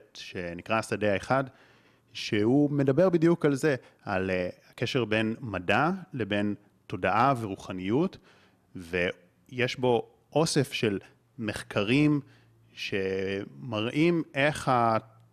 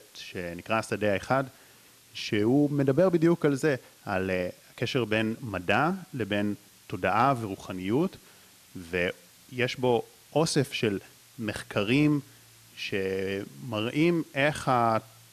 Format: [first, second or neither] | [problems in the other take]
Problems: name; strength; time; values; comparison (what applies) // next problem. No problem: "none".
first | hiss; faint; throughout; 25 dB below the speech